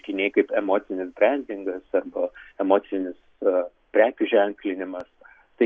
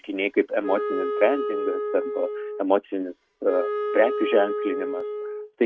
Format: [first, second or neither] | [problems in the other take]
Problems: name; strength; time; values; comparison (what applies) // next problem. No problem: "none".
first | noise reduction (neural mask model RNNoise)